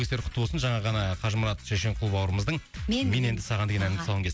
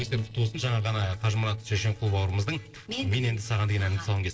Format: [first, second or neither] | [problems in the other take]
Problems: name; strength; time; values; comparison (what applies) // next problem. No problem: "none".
first | noise reduction (neural separator model SepFormer DNS4)